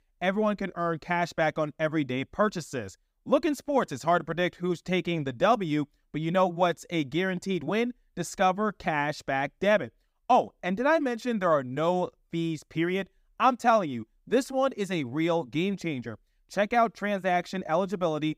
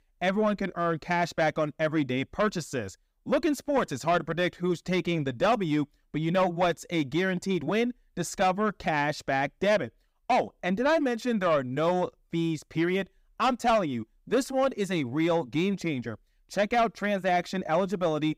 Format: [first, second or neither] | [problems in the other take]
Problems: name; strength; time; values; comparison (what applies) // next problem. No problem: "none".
first | distortion; slight; 10 dB below the speech